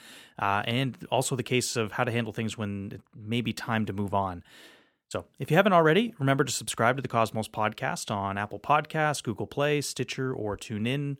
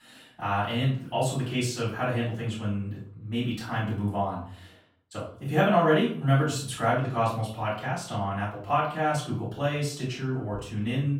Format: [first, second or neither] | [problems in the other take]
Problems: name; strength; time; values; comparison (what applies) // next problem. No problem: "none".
first | off-mic speech; far // room echo; noticeable; dies away in 0.5 s